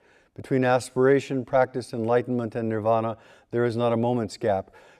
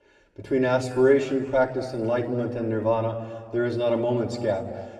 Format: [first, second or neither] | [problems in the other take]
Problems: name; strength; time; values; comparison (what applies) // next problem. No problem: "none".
first | room echo; slight; dies away in 1.7 s // off-mic speech; somewhat distant